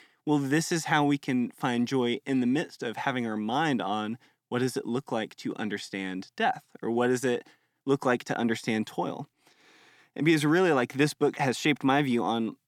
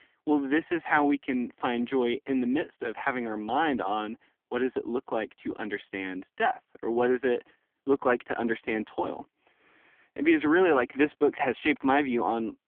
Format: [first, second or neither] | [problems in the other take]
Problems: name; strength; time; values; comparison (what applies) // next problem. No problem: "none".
first | phone-call audio; poor line; nothing above 3.5 kHz